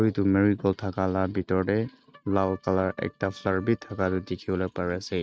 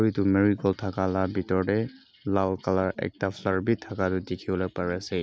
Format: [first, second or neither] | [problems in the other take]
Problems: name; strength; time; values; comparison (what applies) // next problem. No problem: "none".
second | noise reduction (neural mask model RNNoise)